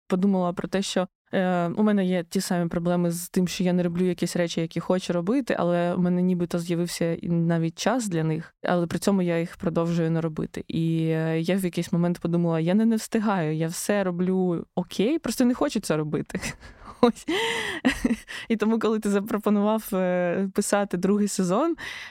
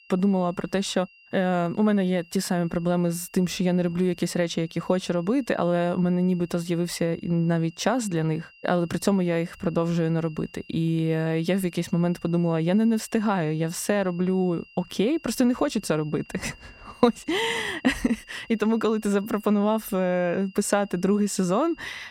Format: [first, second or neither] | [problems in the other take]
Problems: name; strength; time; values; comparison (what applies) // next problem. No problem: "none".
first | high-pitched whine; faint; throughout; 3 kHz, 25 dB below the speech